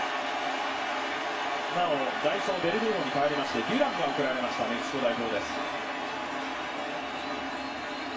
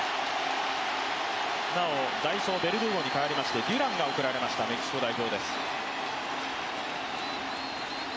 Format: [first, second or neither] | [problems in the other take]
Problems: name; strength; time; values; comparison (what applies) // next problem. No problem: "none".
second | room echo; dies away in 0.2 s